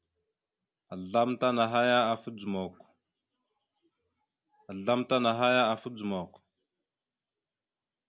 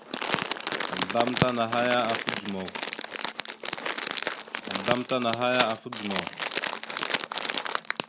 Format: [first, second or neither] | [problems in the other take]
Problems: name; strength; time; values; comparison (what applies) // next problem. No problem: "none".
first | background sound (Crumpling, crinkling); as loud as the speech